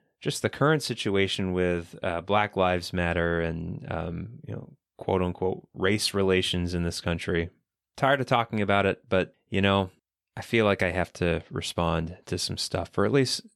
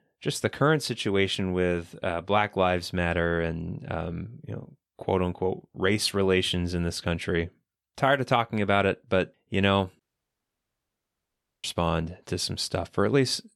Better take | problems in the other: first | audio cutting out; at 10 s for 1.5 s

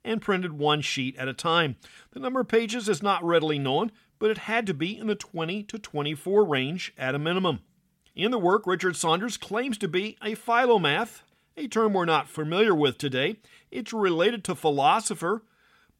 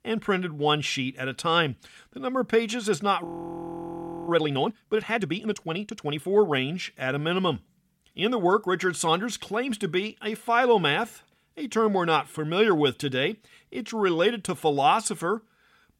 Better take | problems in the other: first | audio freezing; at 3.5 s for 1 s

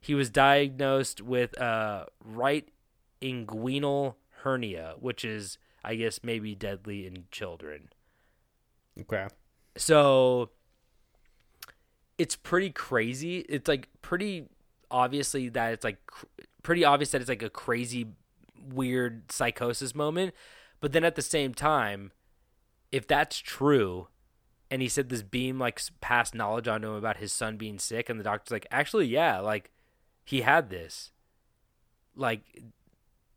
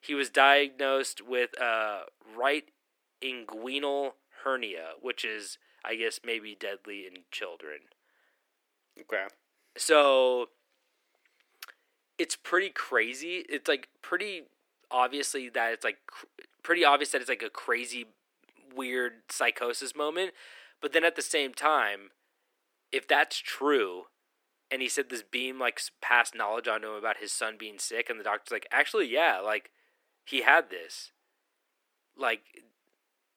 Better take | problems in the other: first | thin; somewhat; fading below 300 Hz

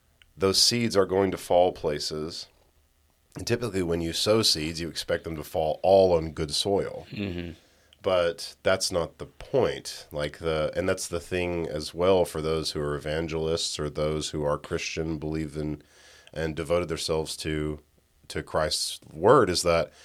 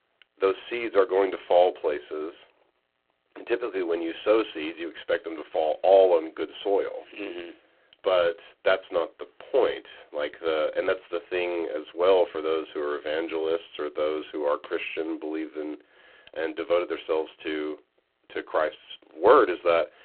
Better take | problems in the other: first | phone-call audio; poor line

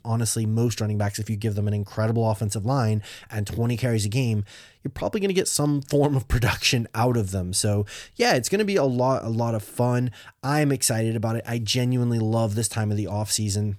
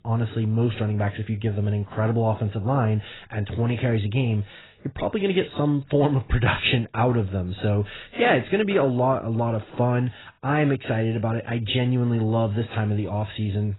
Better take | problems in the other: first | garbled, watery; badly; nothing above 4 kHz

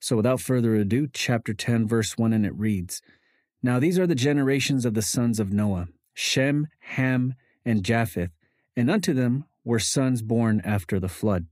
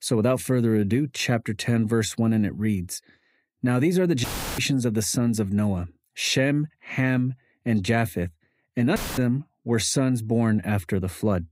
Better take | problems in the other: first | audio cutting out; filled with static; at 4 s and at 9 s

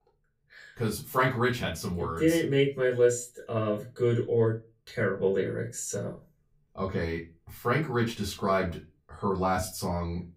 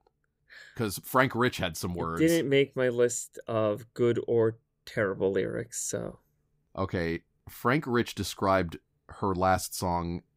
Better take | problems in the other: second | off-mic speech; far // room echo; very slight; dies away in 0.2 s

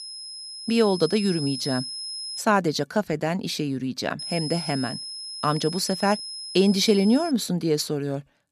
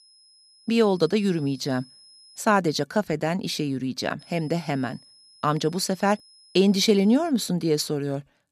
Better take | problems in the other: second | high-pitched whine; loud; until 2.5 s and from 4 to 7.5 s; 5 kHz, 8 dB below the speech; faint in the second

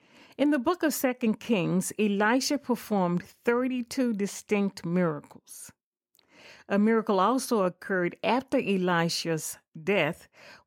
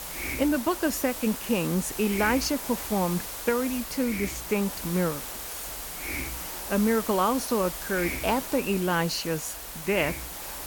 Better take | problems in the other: first | hiss; loud; throughout; 6 dB below the speech

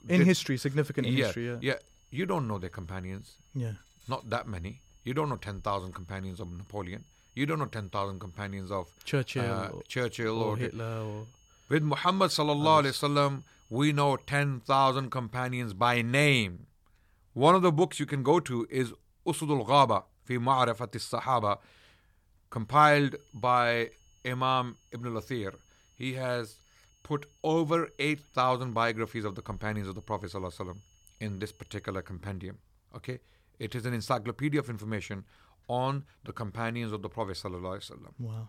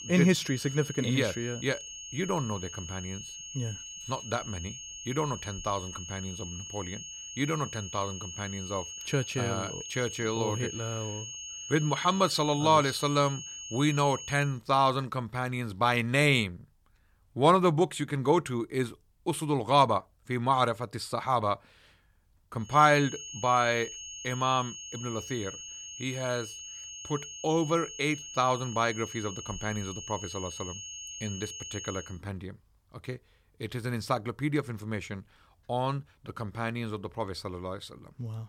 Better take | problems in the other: first | high-pitched whine; loud; until 14 s and from 23 to 32 s; 3 kHz, 10 dB below the speech; faint in the first

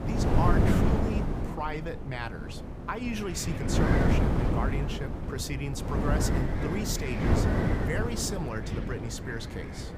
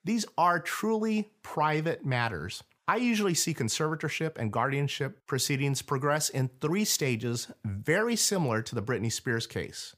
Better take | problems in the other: second | wind noise on the microphone; heavy; 2 dB above the speech

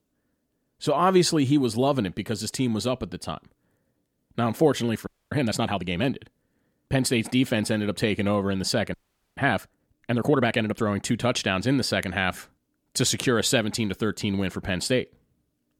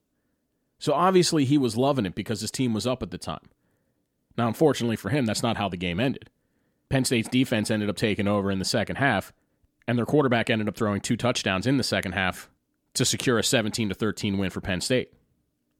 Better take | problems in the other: second | audio freezing; at 5 s and at 9 s

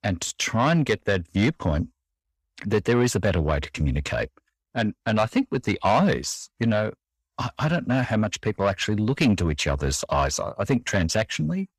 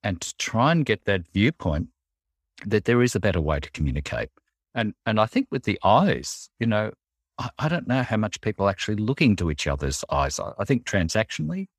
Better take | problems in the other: second | distortion; slight; 10 dB below the speech

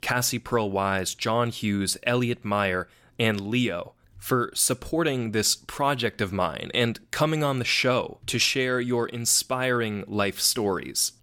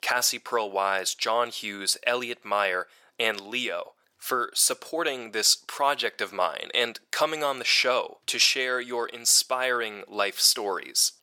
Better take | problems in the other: first | thin; very; fading below 600 Hz

